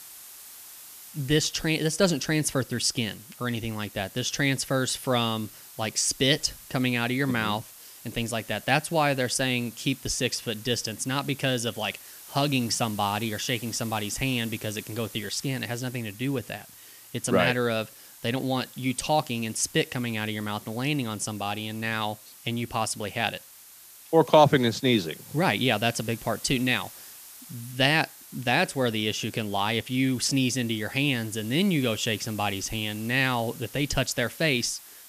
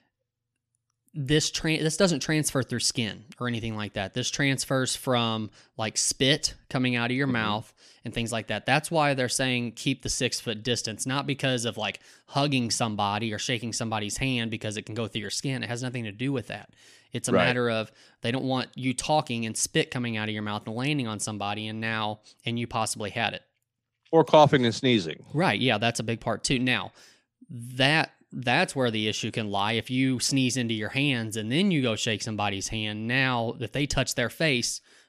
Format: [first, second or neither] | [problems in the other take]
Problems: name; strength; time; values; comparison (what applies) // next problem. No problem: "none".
second | hiss; noticeable; throughout; 15 dB below the speech